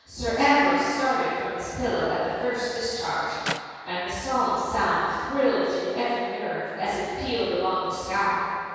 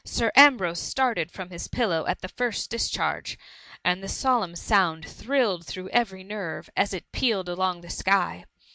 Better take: second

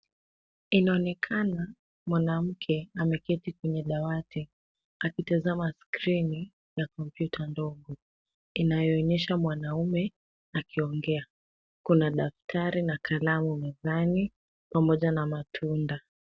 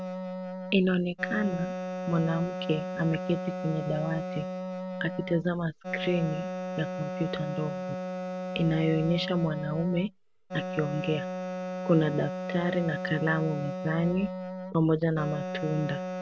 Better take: first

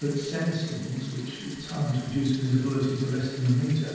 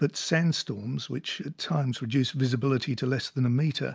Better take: second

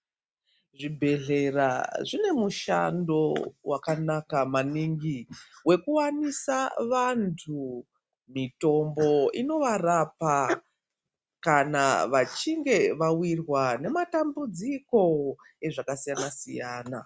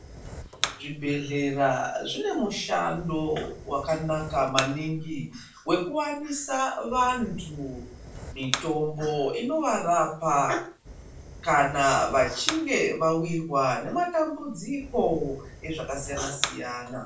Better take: first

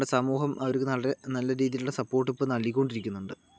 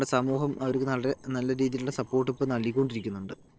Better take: first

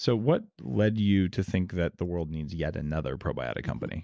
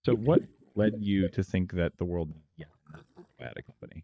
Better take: first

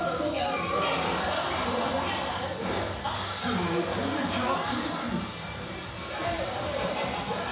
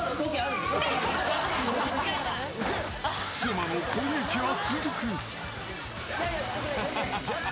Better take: second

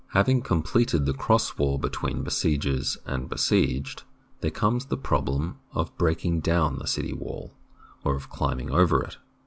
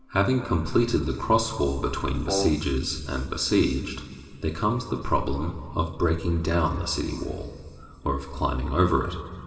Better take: first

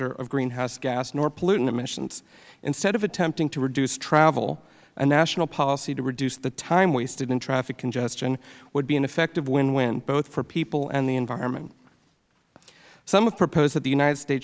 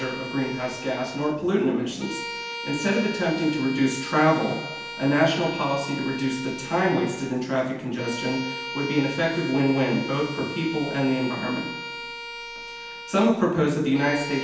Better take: first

